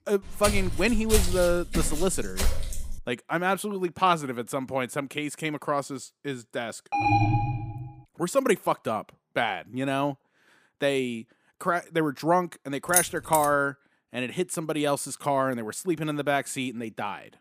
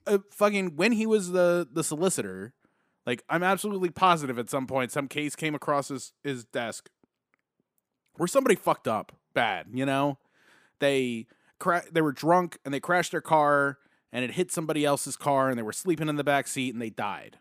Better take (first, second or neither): second